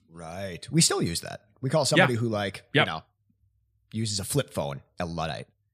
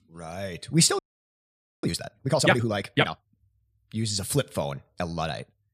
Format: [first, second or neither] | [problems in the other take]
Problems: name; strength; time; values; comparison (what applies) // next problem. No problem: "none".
first | audio freezing; at 1 s for 1 s